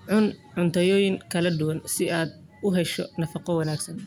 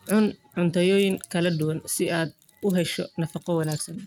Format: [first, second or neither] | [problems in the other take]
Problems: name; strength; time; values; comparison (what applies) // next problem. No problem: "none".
first | noise reduction (neural mask model RNNoise)